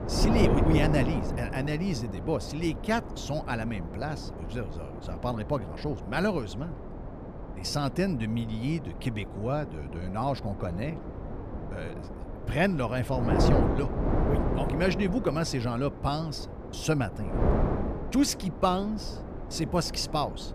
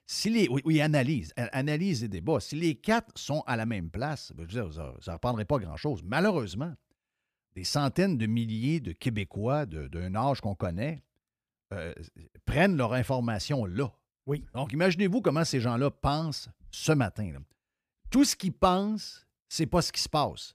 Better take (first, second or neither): second